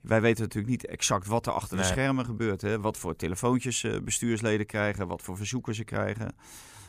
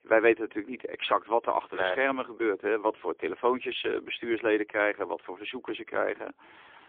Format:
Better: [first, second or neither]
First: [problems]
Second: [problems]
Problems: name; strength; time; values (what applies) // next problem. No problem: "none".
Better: first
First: none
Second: phone-call audio; poor line; nothing above 3.5 kHz